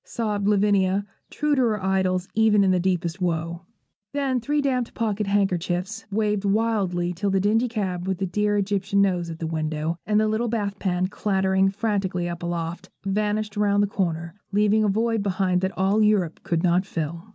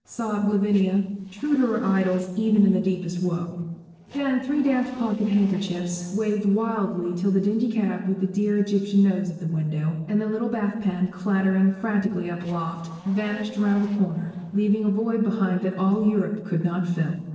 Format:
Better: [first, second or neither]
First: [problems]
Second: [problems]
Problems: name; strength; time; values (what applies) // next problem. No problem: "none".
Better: first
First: none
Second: noise reduction (neural separator model SepFormer DNS4)